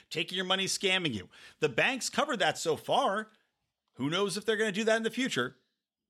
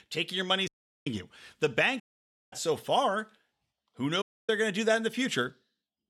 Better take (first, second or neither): first